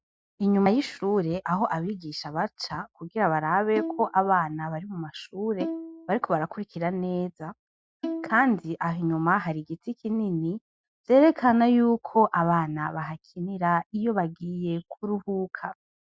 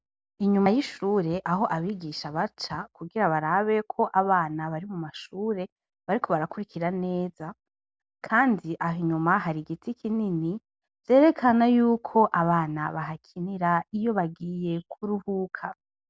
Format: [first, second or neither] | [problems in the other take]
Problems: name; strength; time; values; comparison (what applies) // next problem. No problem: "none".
second | noise reduction (classical method Wiener filter)